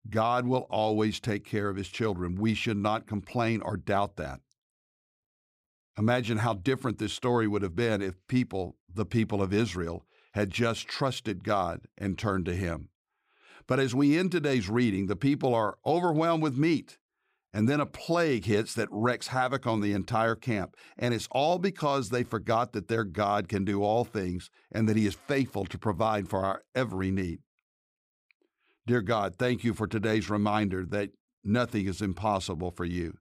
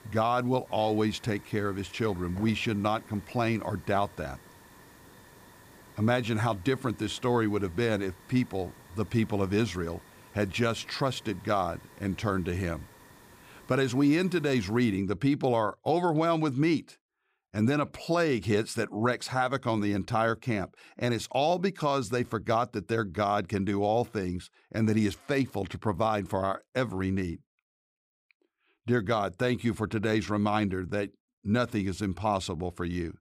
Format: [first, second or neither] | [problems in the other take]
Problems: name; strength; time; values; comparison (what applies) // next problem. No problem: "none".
first | hiss; faint; until 15 s; 25 dB below the speech